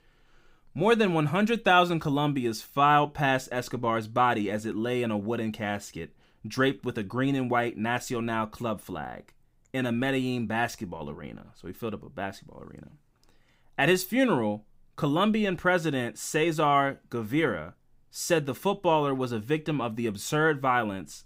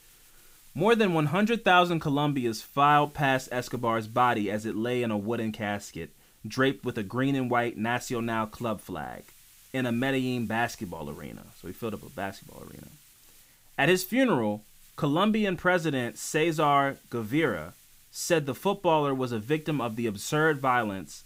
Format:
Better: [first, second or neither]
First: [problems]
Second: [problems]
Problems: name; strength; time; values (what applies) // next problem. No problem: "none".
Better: first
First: none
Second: hiss; faint; throughout; 30 dB below the speech